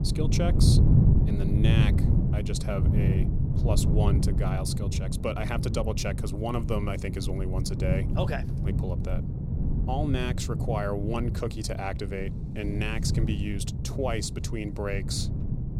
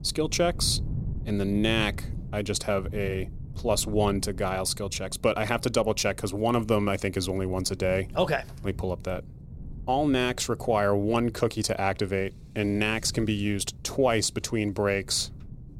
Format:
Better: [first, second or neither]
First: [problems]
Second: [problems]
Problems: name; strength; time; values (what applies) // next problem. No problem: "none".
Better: second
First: wind noise on the microphone; heavy; 4 dB below the speech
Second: wind noise on the microphone; occasional gusts; 25 dB below the speech